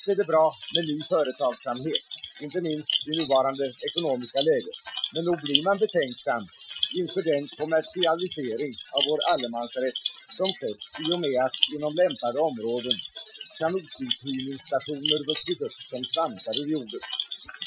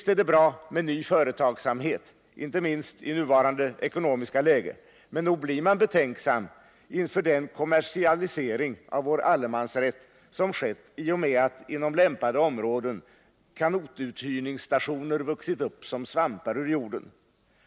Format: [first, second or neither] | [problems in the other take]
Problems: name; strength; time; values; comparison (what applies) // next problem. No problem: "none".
second | noise reduction (classical method Wiener filter)